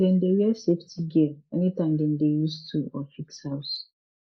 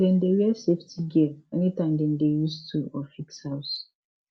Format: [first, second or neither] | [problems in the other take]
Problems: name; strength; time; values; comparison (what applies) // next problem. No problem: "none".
second | noise reduction (neural mask model Resemble Enhance denoiser)